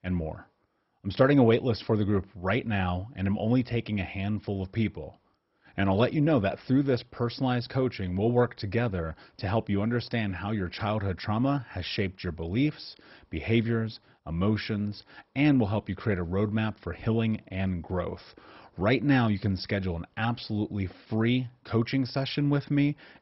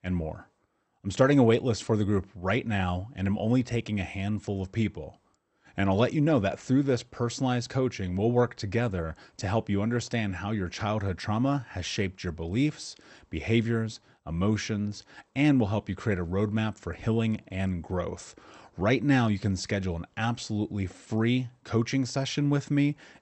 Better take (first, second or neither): second